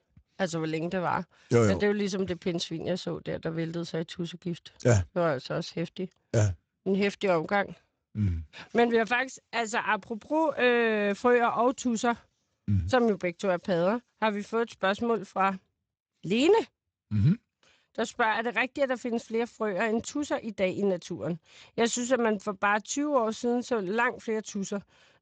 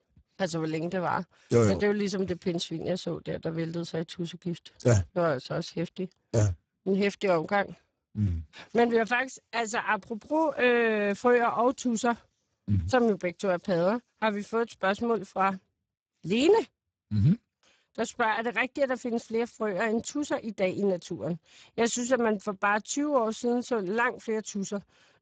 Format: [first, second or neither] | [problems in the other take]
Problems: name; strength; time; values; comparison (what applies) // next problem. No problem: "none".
first | garbled, watery; badly; nothing above 7.5 kHz; slightly in the first